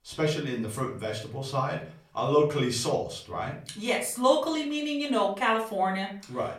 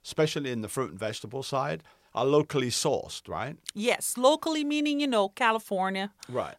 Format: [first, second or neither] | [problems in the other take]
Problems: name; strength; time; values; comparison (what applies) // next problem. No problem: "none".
second | room echo; slight; dies away in 0.4 s // off-mic speech; far